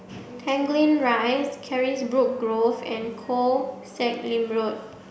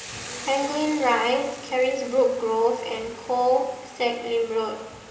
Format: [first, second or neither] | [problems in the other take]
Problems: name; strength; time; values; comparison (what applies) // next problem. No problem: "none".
first | background sound (Boiling / Hiss); 17 dB below the speech // room echo; dies away in 1.8 s